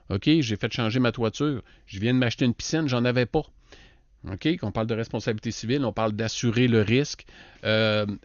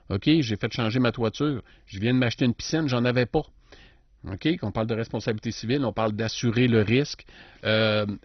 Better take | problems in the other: first | garbled, watery; badly; nothing above 6 kHz; slightly in the first

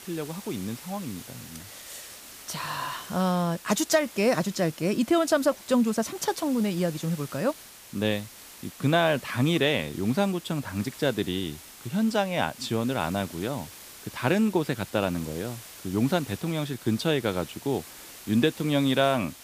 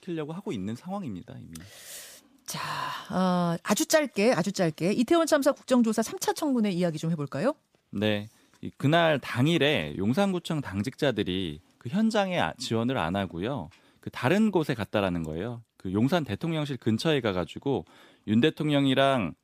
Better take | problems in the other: second | hiss; noticeable; throughout; 15 dB below the speech

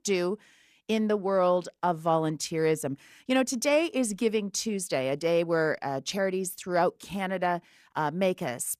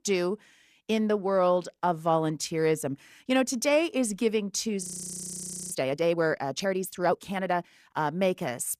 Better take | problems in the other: first | audio freezing; at 5 s for 1 s

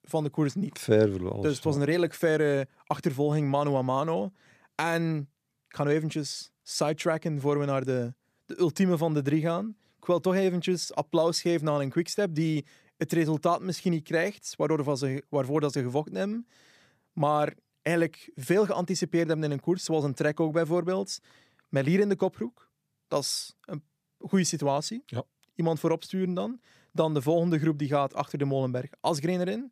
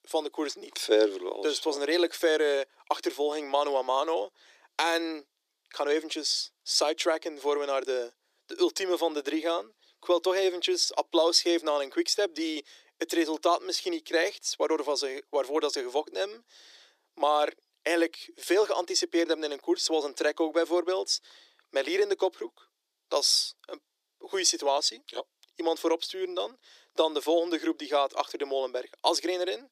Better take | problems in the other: first | thin; very; fading below 350 Hz

